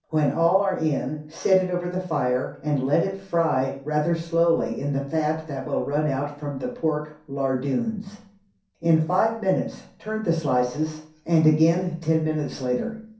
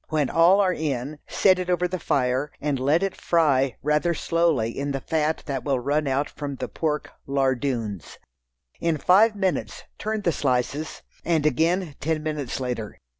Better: second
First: room echo; dies away in 0.6 s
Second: none

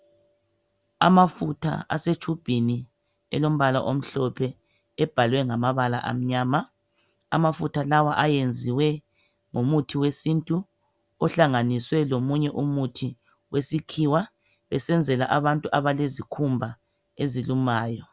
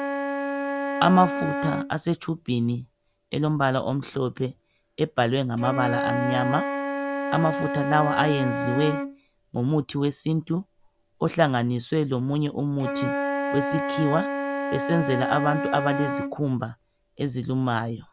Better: first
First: none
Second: background sound (Wind instrument, woodwind instrument); 5 dB below the speech

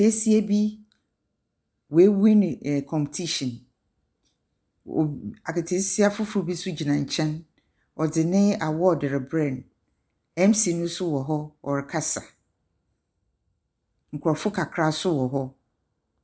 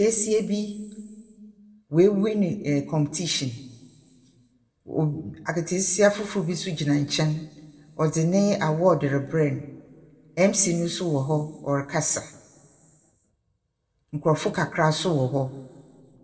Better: first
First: none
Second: room echo; dies away in 1.3 s

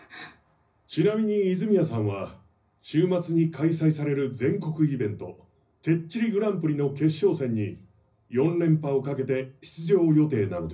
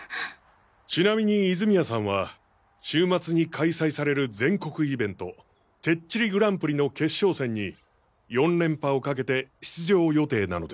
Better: second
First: room echo; dies away in 0.4 s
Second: none

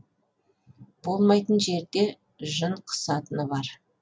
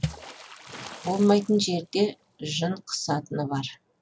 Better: first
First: none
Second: background sound (Water / Splash, splatter); 14 dB below the speech

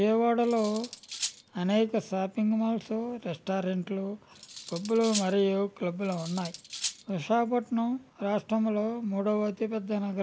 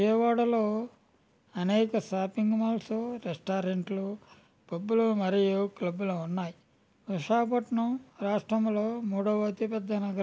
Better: second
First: background sound (Cutlery, silverware); 11 dB below the speech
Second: none

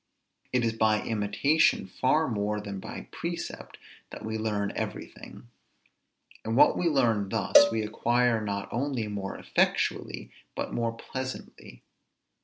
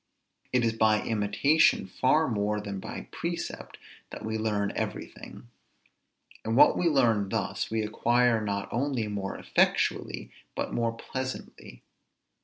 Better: second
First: background sound (Cowbell); as loud as the speech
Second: none

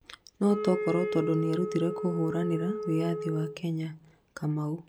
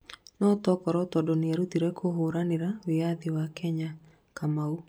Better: second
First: background sound (Wind instrument, woodwind instrument); 5 dB below the speech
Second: none

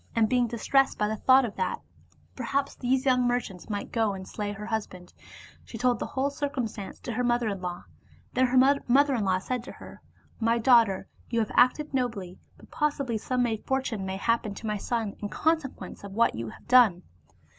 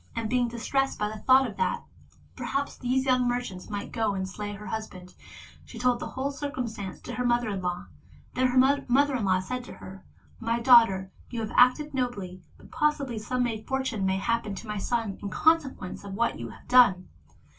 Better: first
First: none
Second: room echo; dies away in 0.2 s

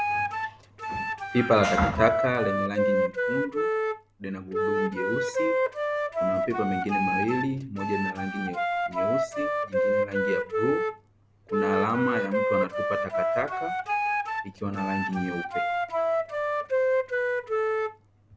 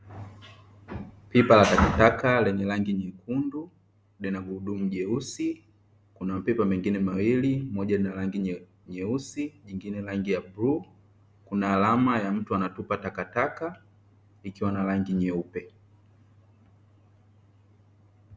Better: second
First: background sound (Wind instrument, woodwind instrument); 3 dB above the speech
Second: none

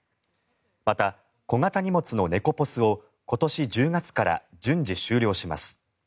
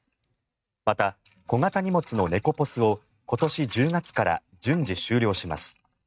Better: first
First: none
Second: noise reduction (neural mask model RNNoise)

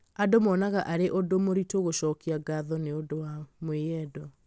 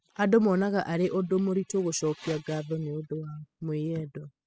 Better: first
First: none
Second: noise reduction (classical method spectral subtraction)

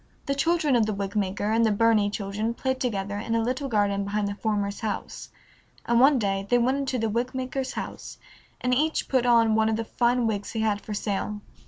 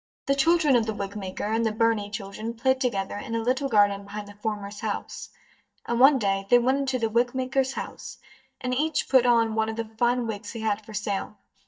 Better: first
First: none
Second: noise reduction (neural mask model DeepFilterNet 3)

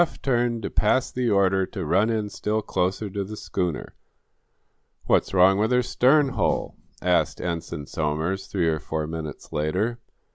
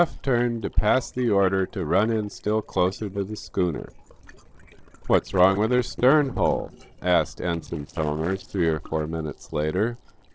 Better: first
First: none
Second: noise reduction (neural separator model SepFormer DNS4)

